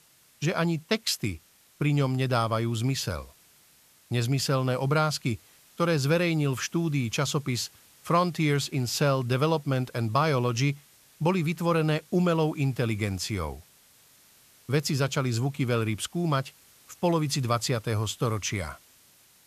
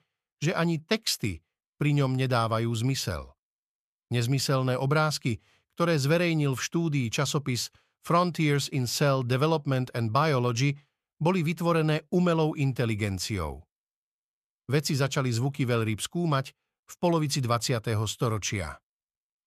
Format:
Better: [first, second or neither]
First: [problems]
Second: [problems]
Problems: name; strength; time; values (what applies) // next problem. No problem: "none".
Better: second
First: hiss; faint; throughout; 30 dB below the speech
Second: none